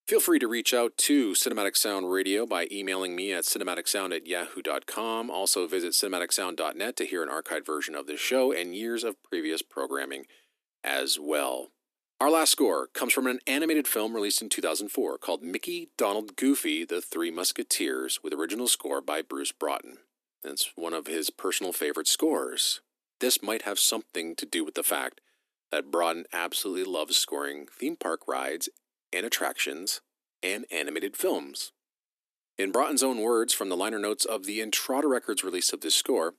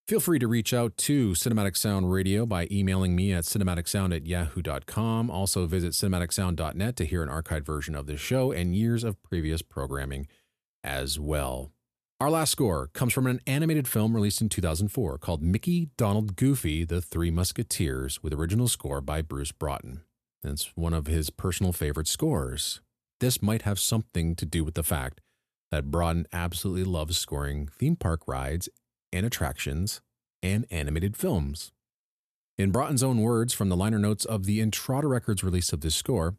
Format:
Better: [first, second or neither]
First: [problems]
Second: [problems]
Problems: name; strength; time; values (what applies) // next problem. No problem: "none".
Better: second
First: thin; somewhat; fading below 250 Hz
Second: none